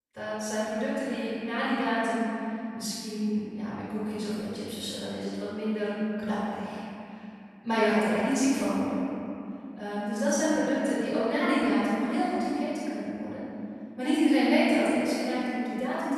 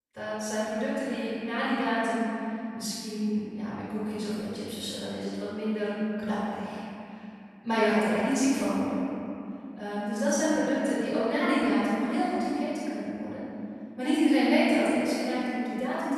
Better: neither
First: room echo; strong; dies away in 2.7 s // off-mic speech; far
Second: room echo; strong; dies away in 2.7 s // off-mic speech; far

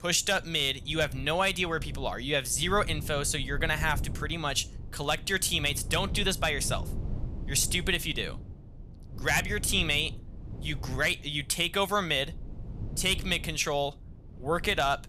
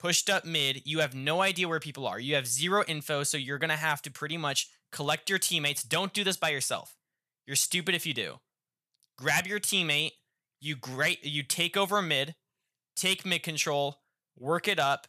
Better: second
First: low rumble; faint; throughout; 25 dB below the speech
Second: none

